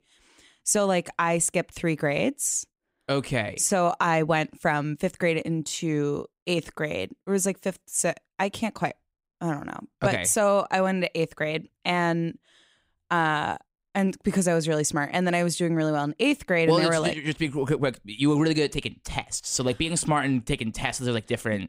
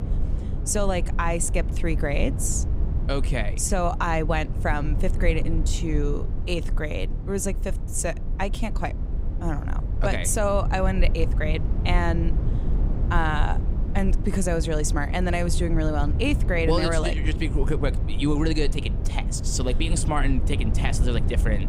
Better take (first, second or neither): first